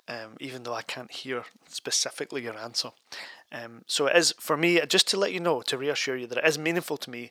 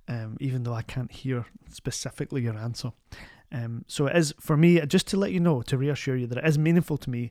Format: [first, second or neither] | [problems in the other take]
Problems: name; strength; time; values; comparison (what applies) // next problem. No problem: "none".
second | thin; very; fading below 550 Hz